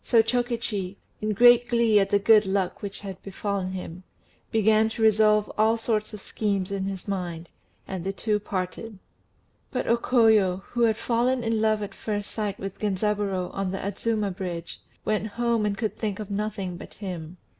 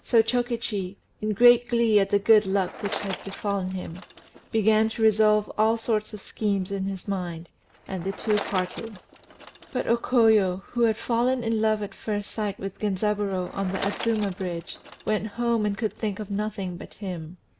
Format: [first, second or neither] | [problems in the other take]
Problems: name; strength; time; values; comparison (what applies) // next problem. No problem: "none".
first | background sound (Bicycle); 17 dB below the speech